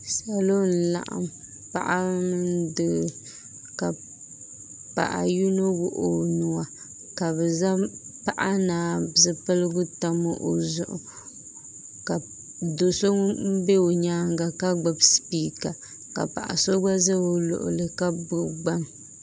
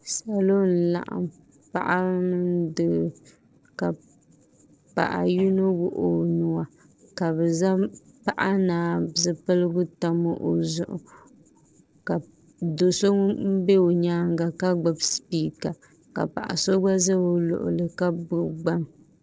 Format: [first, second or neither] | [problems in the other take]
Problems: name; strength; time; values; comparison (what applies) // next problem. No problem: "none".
first | noise reduction (neural separator model SepFormer DNS4)